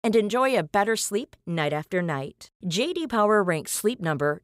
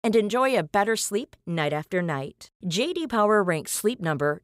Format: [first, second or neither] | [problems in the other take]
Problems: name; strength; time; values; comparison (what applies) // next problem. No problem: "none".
neither | none